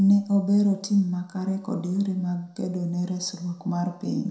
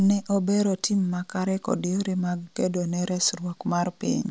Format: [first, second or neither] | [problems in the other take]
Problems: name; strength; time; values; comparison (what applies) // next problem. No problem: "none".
second | room echo; dies away in 0.5 s